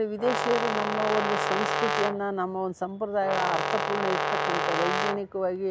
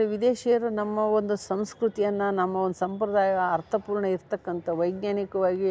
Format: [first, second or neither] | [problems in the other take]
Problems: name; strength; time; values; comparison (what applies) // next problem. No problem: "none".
second | background sound (Brass instrument); 1 dB above the speech